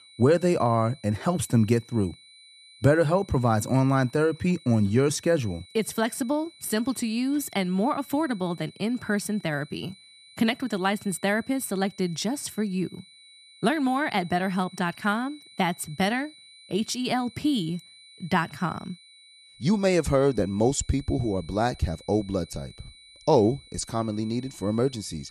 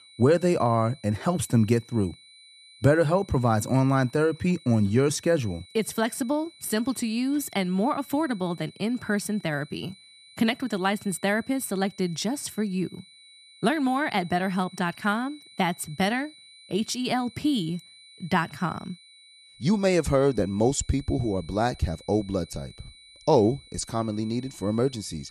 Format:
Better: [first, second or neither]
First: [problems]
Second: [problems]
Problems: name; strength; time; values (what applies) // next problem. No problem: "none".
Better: neither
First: high-pitched whine; faint; throughout; 4 kHz, 25 dB below the speech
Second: high-pitched whine; faint; throughout; 4 kHz, 25 dB below the speech